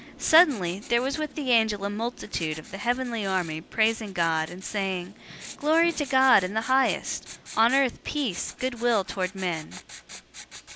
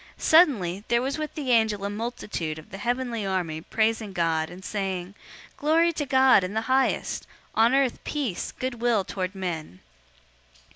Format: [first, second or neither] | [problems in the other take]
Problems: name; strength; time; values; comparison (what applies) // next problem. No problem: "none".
second | background sound (Writing); 18 dB below the speech